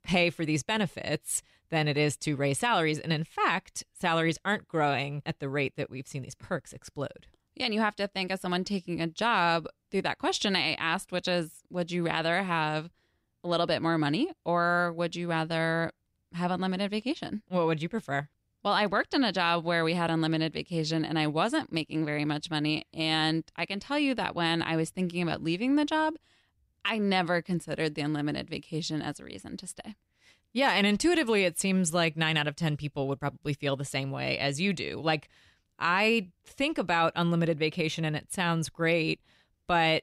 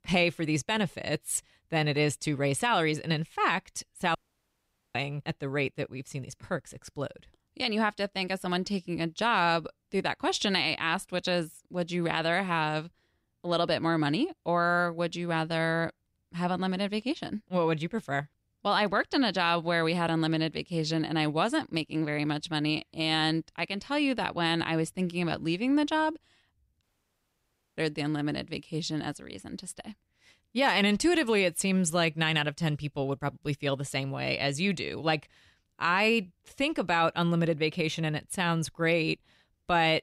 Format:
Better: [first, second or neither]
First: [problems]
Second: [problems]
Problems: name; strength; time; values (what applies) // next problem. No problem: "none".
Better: first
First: none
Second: audio cutting out; at 4 s for 1 s and at 27 s for 1 s